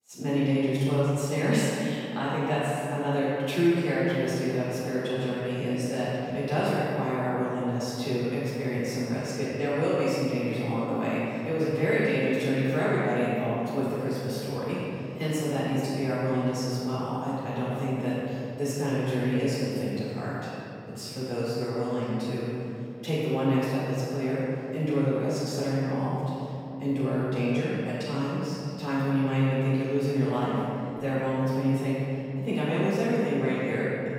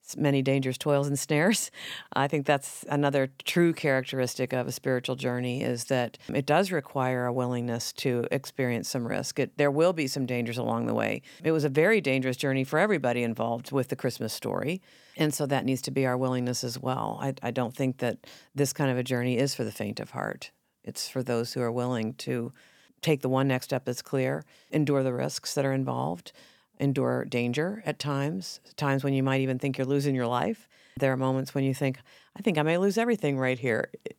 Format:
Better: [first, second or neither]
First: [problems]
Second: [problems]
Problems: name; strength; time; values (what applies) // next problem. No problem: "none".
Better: second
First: off-mic speech; far // room echo; strong; dies away in 2.9 s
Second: none